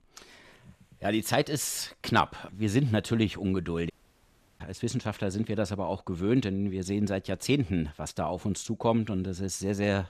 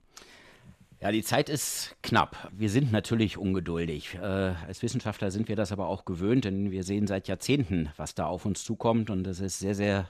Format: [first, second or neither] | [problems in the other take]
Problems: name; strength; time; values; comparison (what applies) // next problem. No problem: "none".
second | audio cutting out; at 4 s for 0.5 s